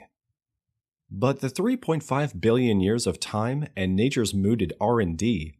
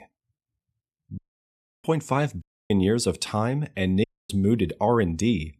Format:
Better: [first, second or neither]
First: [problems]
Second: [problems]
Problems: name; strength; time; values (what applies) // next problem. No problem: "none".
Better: first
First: none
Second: audio cutting out; at 1 s for 0.5 s, at 2.5 s and at 4 s